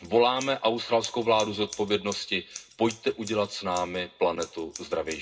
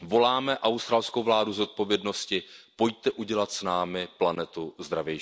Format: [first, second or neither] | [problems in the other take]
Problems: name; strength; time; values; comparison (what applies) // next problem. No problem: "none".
second | background sound (Scissors); 18 dB below the speech // room echo; dies away in 0.2 s